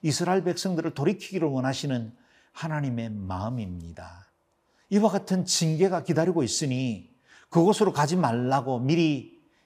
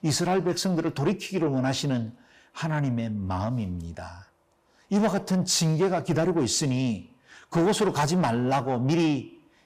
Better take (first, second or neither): first